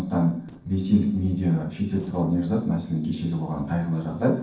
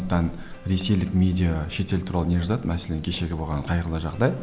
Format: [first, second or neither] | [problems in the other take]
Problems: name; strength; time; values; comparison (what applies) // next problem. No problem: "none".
second | noise reduction (neural separator model SepFormer DNS4)